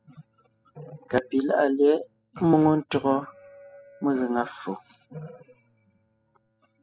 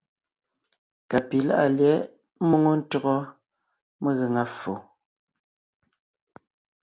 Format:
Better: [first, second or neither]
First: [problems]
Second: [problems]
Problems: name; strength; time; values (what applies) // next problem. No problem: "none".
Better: second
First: noise reduction (classical method spectral subtraction)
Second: none